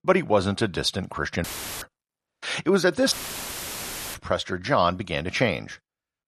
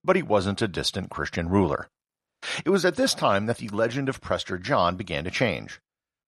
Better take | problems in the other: second | audio cutting out; filled with static; at 1.5 s and at 3 s for 1 s

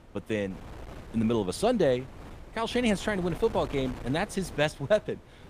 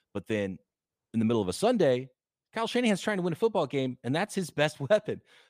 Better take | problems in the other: second | wind noise on the microphone; occasional gusts; 20 dB below the speech

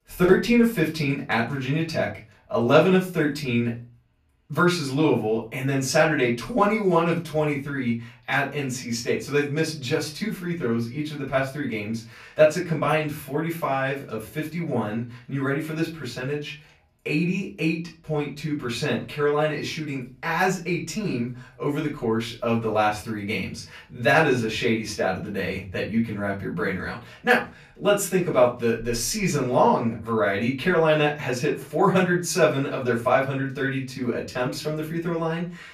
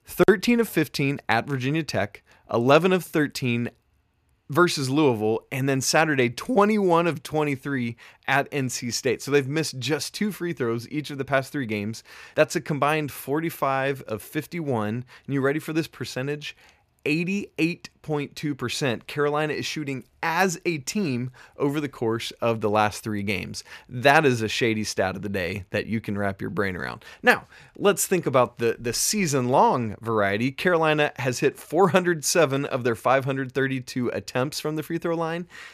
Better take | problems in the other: second | off-mic speech; far // room echo; slight; dies away in 0.3 s

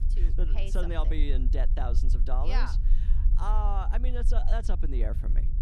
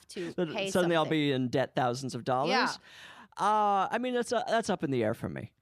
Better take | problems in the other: second | low rumble; noticeable; throughout; 15 dB below the speech

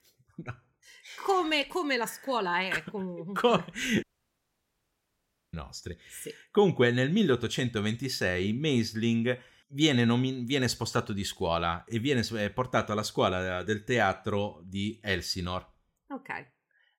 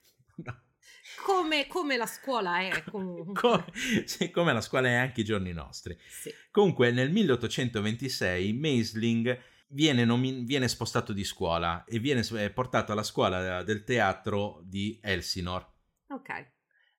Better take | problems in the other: second | audio cutting out; at 4 s for 1.5 s

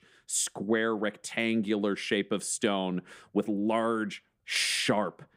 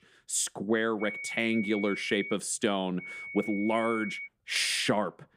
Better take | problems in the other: first | high-pitched whine; loud; from 1 to 2.5 s and from 3 to 4.5 s; 2 kHz, 8 dB below the speech

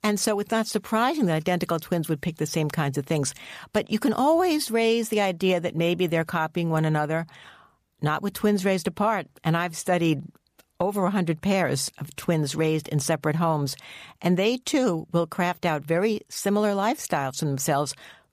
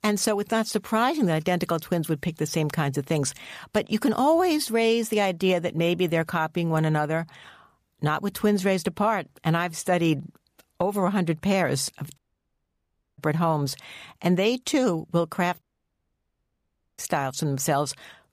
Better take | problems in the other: first | audio cutting out; at 12 s for 1 s and at 16 s for 1.5 s

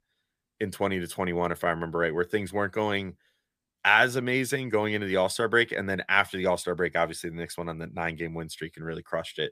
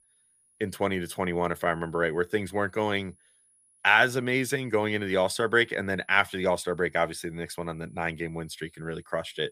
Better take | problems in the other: first | high-pitched whine; faint; throughout; 10.5 kHz, 35 dB below the speech

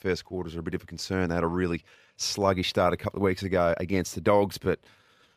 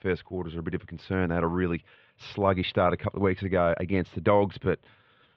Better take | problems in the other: first | muffled; very; fading above 3.5 kHz

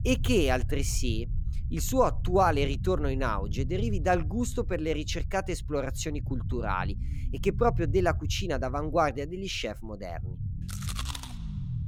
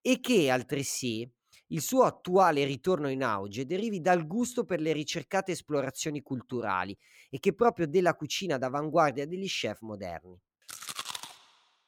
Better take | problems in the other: second | low rumble; faint; throughout; 20 dB below the speech

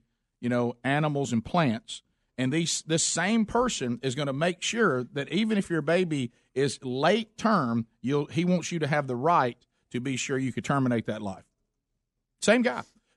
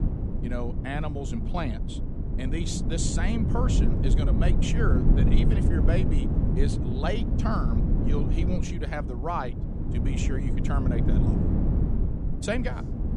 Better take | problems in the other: first | low rumble; loud; throughout; 3 dB below the speech

